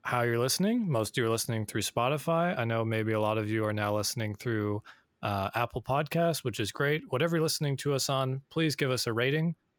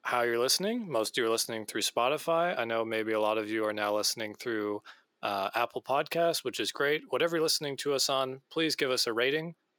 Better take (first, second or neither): first